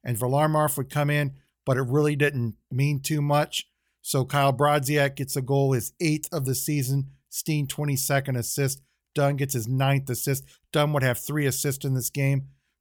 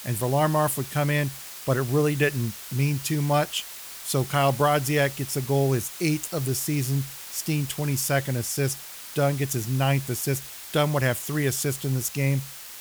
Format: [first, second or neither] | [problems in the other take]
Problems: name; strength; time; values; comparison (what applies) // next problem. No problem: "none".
first | hiss; noticeable; throughout; 10 dB below the speech